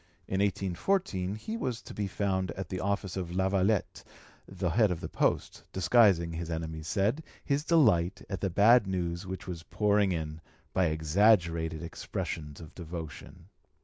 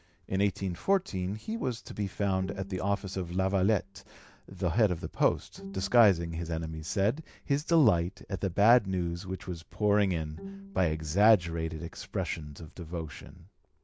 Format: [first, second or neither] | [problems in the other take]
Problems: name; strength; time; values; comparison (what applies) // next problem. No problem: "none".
first | background sound (Bowed string instrument); 19 dB below the speech